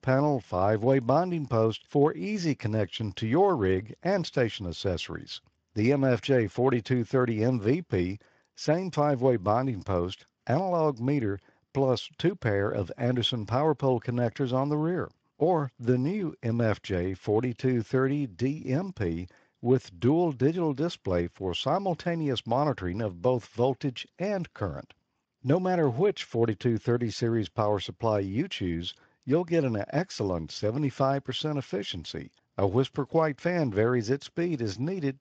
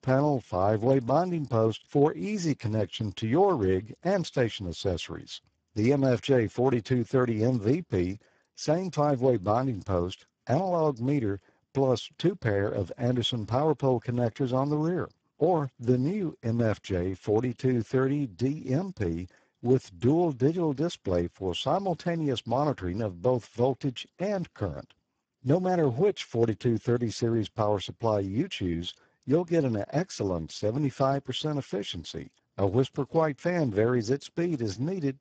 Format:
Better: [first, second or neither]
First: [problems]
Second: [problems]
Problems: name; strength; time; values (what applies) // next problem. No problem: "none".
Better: first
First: garbled, watery; slightly; nothing above 7.5 kHz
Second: garbled, watery; badly; nothing above 7.5 kHz